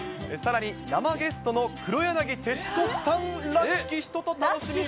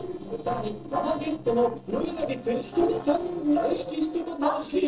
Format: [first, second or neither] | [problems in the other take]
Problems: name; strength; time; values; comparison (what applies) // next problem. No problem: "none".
first | noise reduction (neural separator model SepFormer DNS4)